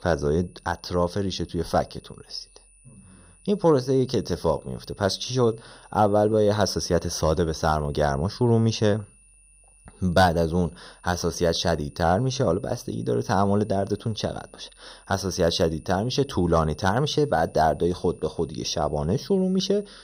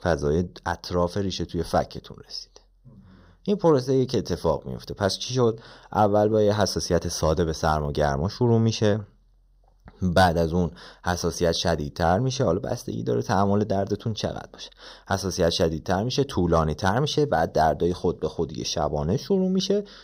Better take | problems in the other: second | high-pitched whine; faint; throughout; 9.5 kHz, 30 dB below the speech

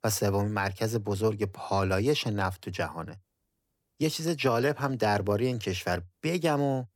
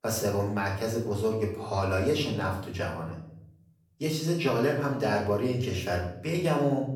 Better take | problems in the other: first | room echo; noticeable; dies away in 0.6 s // off-mic speech; far

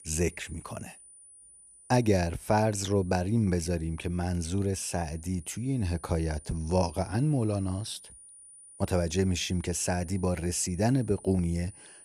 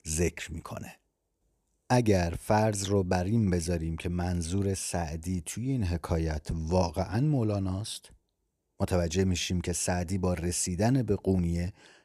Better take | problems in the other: second | high-pitched whine; faint; throughout; 9.5 kHz, 20 dB below the speech

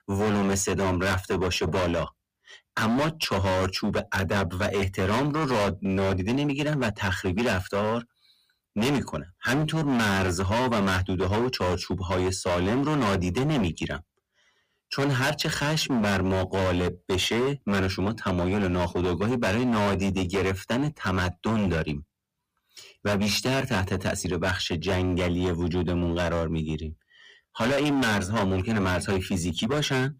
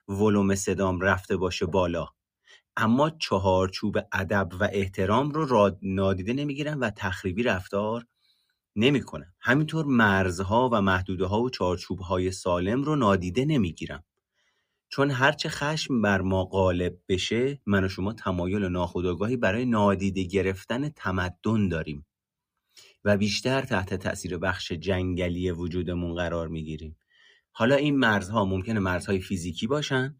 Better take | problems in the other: second | distortion; heavy; 26% of the sound clipped

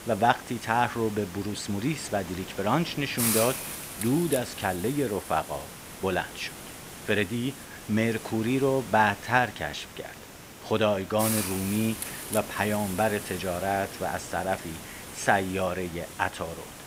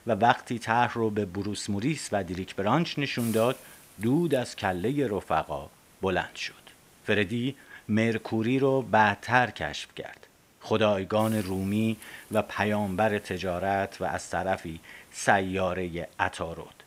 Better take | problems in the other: second | hiss; loud; throughout; 8 dB below the speech; faint in the second

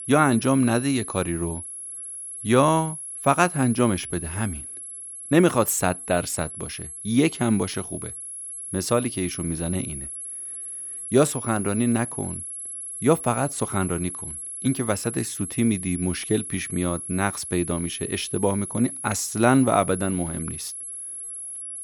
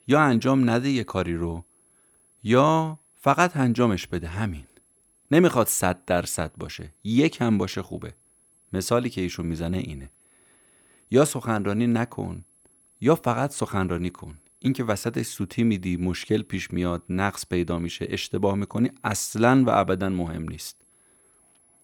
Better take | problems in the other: second | high-pitched whine; loud; throughout; 11 kHz, 8 dB below the speech; faint in the second

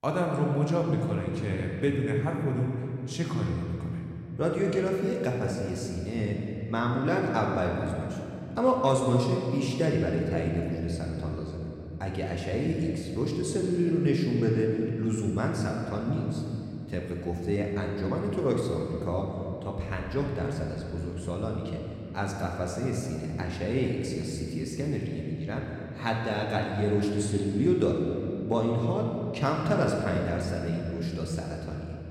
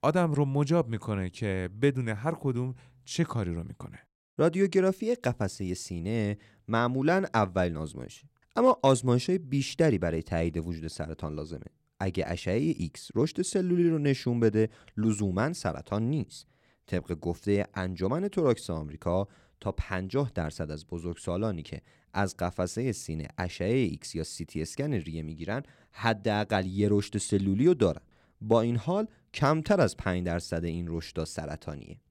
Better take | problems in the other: second | room echo; noticeable; dies away in 2.7 s // off-mic speech; somewhat distant

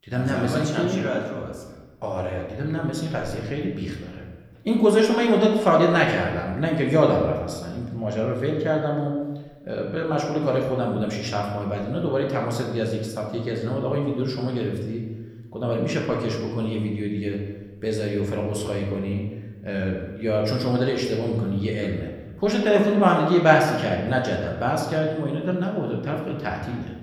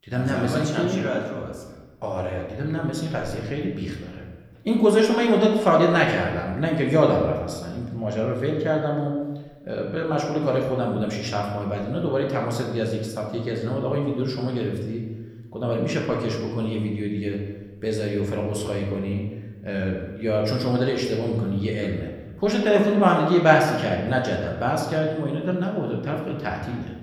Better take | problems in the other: neither | room echo; noticeable; dies away in 1.1 s; the same in both // off-mic speech; somewhat distant; the same in both

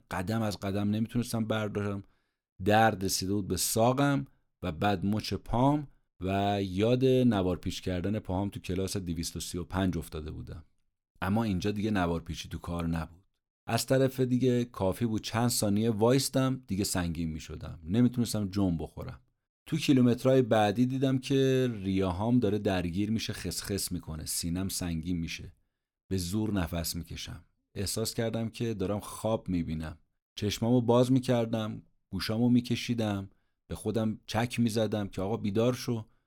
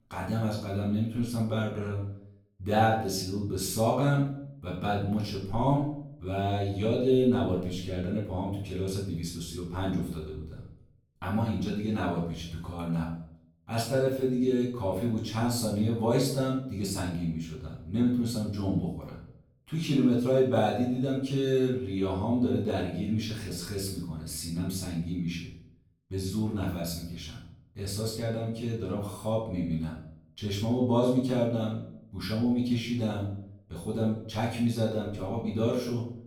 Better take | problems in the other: first | off-mic speech; far // room echo; noticeable; dies away in 0.5 s

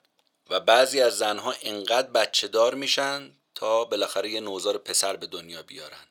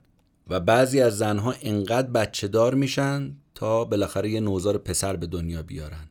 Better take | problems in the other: second | thin; very; fading below 650 Hz

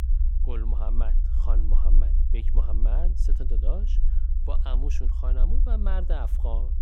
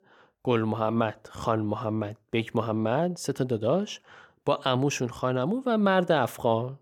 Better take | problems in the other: second | low rumble; loud; throughout; 7 dB below the speech

